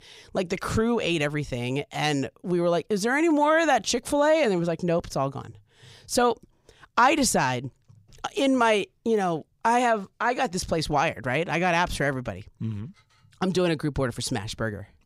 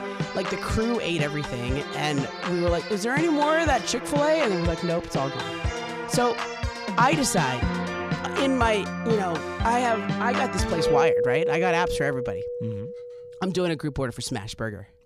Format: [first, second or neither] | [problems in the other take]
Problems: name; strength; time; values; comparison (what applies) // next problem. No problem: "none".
first | background music; loud; throughout; 3 dB below the speech